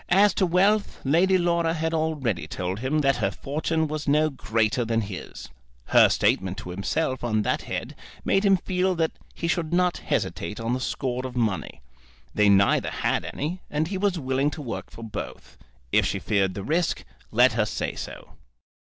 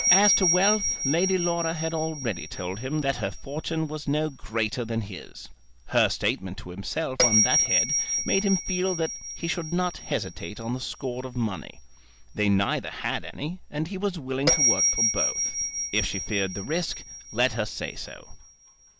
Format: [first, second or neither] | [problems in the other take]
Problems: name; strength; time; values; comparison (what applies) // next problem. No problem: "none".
first | background sound (Bell); 2 dB below the speech